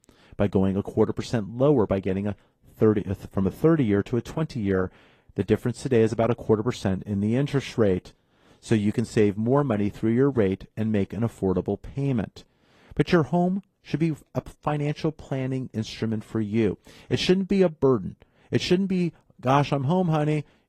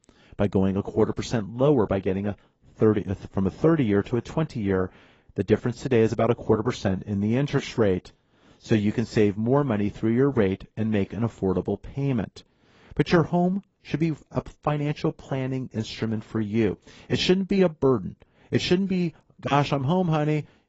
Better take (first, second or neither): first